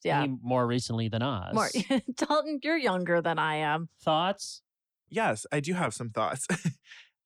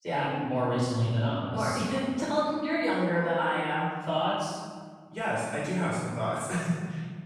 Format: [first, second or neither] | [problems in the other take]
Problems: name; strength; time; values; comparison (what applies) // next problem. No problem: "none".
first | off-mic speech; far // room echo; strong; dies away in 1.5 s